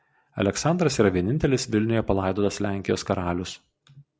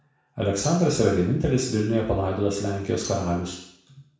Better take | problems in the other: first | background sound (Tambourine); 17 dB below the speech // room echo; dies away in 0.7 s

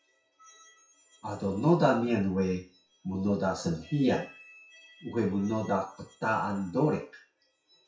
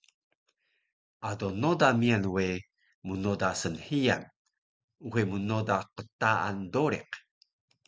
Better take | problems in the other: second | noise reduction (classical method WPE with log-MMSE)

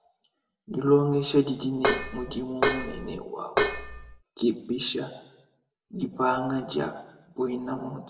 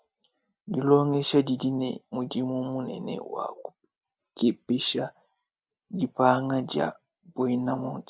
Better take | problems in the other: second | background sound (Dishes, pots, and pans); 1 dB above the speech // room echo; dies away in 0.7 s

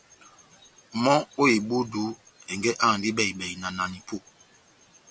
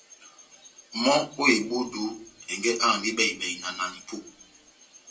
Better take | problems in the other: first | room echo; dies away in 0.2 s

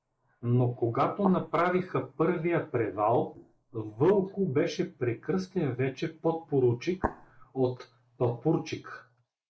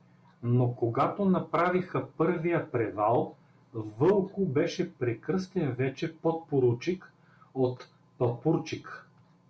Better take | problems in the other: second | noise reduction (neural mask model Resemble Enhance denoiser)

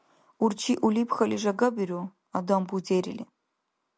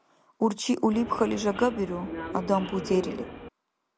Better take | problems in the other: first | background sound (Subway, metro, underground); 9 dB below the speech

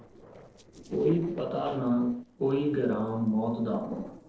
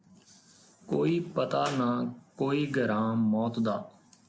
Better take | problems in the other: second | noise reduction (neural separator model SepFormer DNS4)

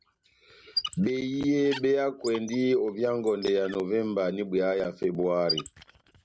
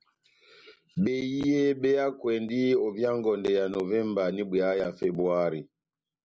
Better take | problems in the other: second | background sound (Squeak); 13 dB below the speech

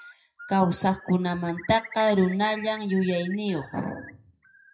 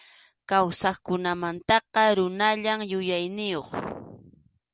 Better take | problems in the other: second | noise reduction (classical method WPE with log-MMSE)

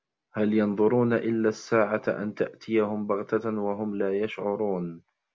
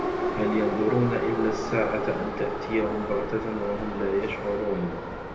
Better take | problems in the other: first | background sound (Subway, metro, underground); 3 dB below the speech // room echo; dies away in 0.9 s

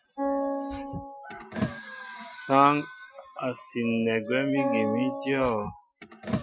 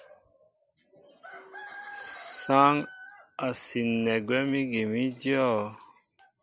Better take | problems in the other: second | noise reduction (classical method Wiener filter)

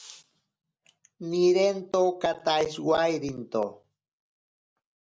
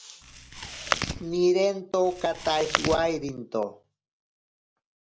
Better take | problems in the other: first | background sound (Chewing, mastication); 5 dB below the speech

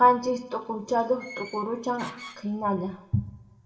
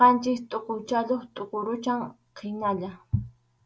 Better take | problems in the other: second | background sound (Door); 16 dB below the speech // room echo; dies away in 0.8 s

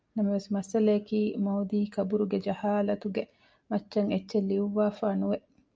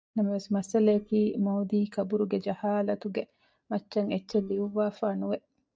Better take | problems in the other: first | noise reduction (neural mask model DeepFilterNet 3)

